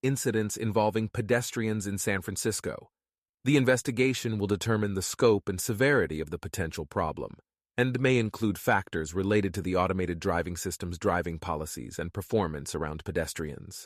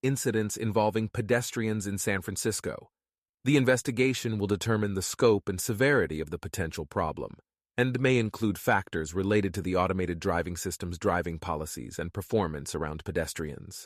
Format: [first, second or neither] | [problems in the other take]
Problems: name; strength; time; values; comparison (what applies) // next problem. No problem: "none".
neither | none